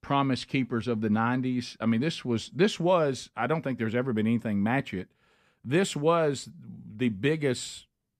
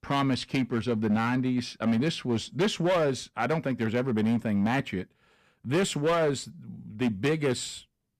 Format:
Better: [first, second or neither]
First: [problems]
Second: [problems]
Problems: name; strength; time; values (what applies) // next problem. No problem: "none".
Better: first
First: none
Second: distortion; slight; 8% of the sound clipped